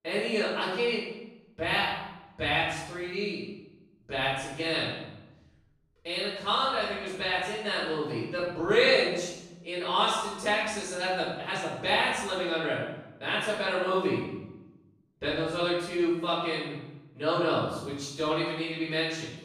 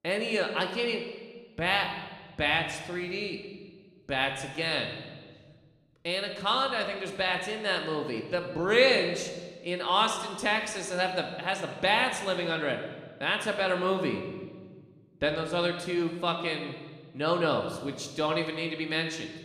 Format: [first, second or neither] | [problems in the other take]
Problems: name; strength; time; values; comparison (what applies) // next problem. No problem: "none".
second | room echo; strong; dies away in 0.8 s; slight in the second // off-mic speech; far